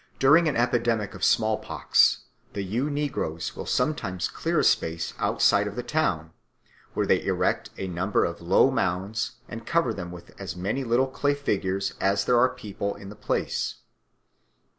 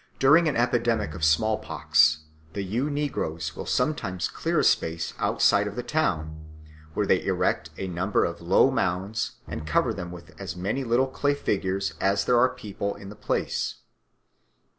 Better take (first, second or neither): first